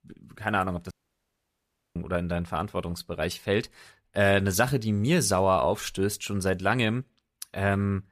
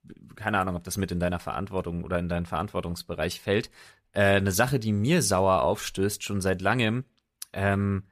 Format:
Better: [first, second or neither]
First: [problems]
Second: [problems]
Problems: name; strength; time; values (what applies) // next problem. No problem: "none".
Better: second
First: audio cutting out; at 1 s for 1 s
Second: none